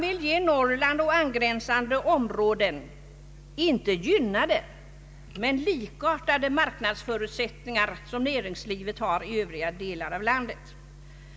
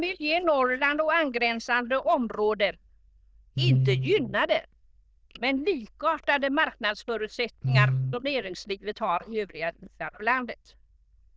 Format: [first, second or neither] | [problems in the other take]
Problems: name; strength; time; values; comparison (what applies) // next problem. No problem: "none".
first | noise reduction (neural diffusion model UNIVERSE++)